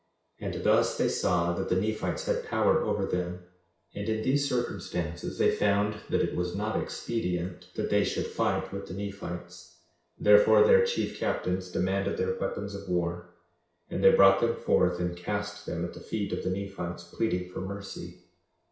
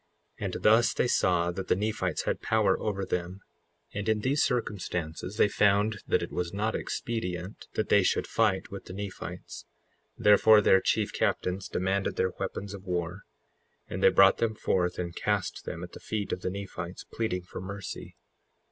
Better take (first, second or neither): second